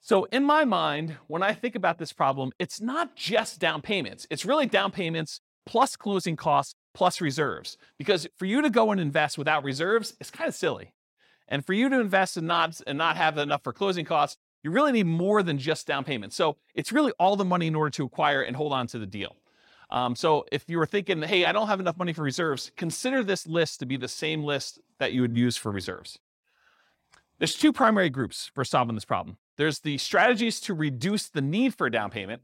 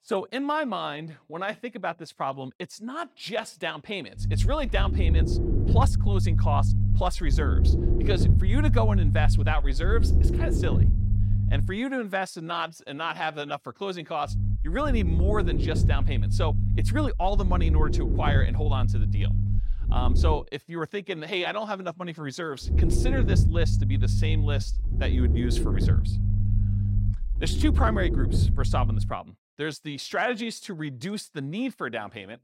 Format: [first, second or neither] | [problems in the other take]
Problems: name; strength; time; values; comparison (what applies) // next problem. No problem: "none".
first | low rumble; loud; from 4 to 12 s, from 14 to 20 s and from 23 to 29 s; 7 dB below the speech